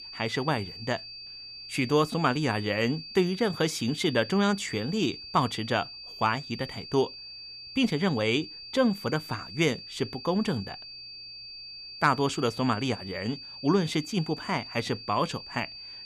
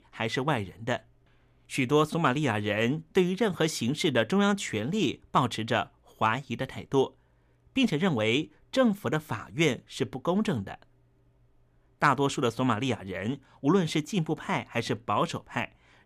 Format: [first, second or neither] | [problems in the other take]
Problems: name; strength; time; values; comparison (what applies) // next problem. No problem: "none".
second | high-pitched whine; noticeable; throughout; 4.5 kHz, 10 dB below the speech